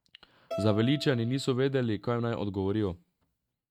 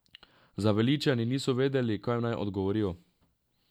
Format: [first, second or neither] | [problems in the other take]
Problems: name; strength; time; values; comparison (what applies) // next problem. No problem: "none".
second | noise reduction (neural mask model RNNoise)